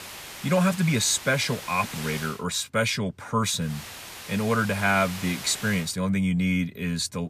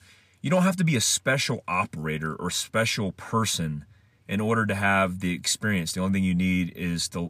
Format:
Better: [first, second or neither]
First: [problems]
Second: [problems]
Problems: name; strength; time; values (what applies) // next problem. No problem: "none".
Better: second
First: hiss; noticeable; until 2.5 s and from 3.5 to 6 s; 10 dB below the speech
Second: none